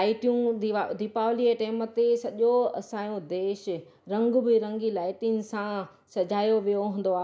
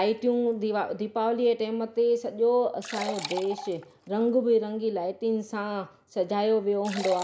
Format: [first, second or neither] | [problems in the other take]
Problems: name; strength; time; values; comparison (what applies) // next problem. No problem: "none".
first | background sound (Liquid); 16 dB below the speech